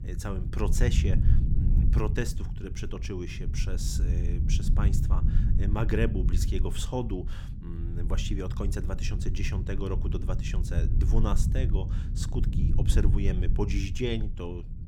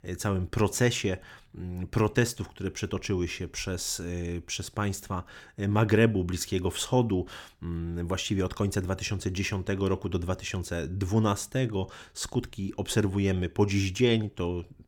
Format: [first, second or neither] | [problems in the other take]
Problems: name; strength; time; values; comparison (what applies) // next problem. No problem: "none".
second | low rumble; loud; throughout; 7 dB below the speech